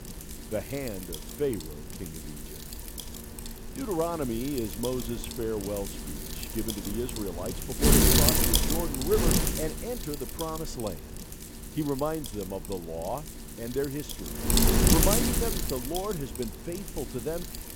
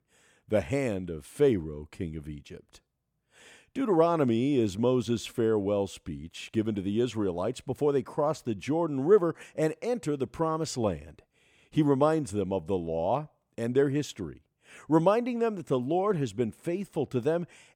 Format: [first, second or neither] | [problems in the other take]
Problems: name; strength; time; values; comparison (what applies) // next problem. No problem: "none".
second | wind noise on the microphone; heavy; 3 dB above the speech